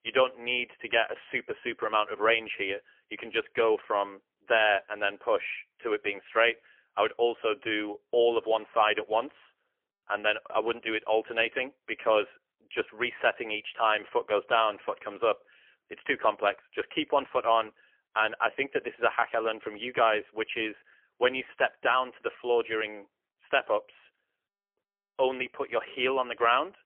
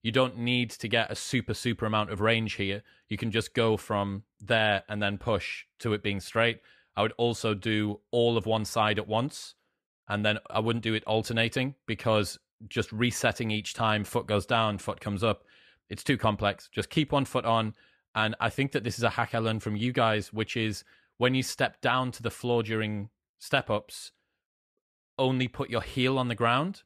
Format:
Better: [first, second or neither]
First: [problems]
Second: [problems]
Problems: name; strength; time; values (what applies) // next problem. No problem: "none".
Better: second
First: phone-call audio; poor line; nothing above 3 kHz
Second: none